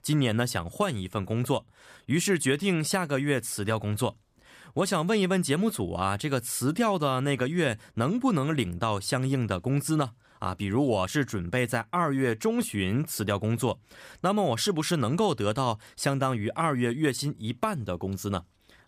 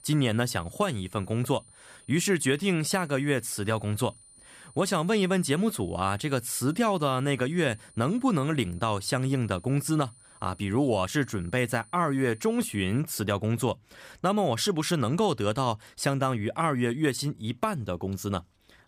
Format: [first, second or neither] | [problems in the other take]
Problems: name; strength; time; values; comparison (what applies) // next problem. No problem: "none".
first | high-pitched whine; faint; until 13 s; 9.5 kHz, 25 dB below the speech